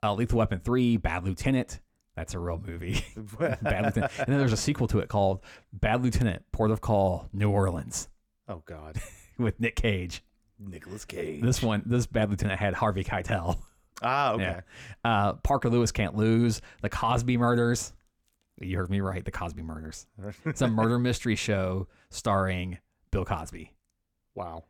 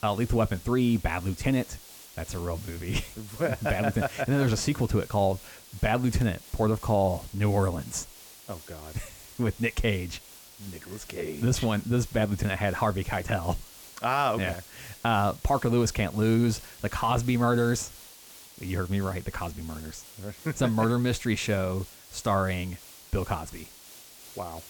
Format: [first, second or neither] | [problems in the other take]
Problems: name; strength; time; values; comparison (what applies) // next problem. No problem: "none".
first | hiss; noticeable; throughout; 20 dB below the speech